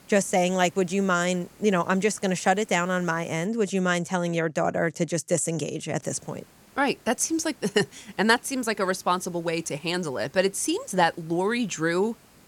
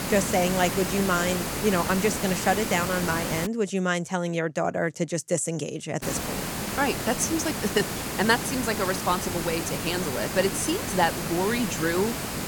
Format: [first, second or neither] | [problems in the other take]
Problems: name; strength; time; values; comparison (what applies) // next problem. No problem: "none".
first | hiss; loud; until 3.5 s and from 6 s on; 3 dB below the speech; faint in the first